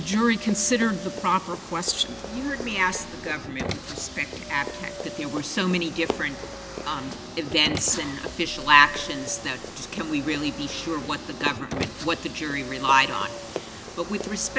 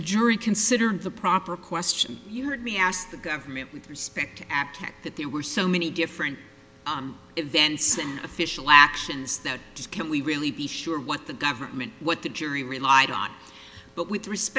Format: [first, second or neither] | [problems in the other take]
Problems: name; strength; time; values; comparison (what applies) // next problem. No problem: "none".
second | background sound (Car + Run); 9 dB below the speech